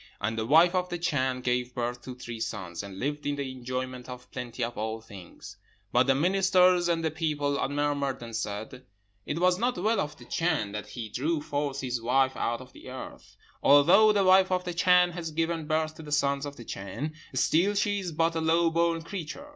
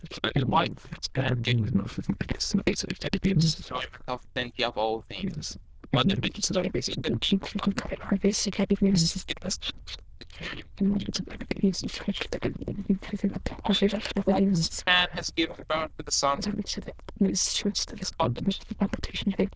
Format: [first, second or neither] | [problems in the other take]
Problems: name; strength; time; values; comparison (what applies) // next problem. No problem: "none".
first | noise reduction (neural diffusion model UNIVERSE++)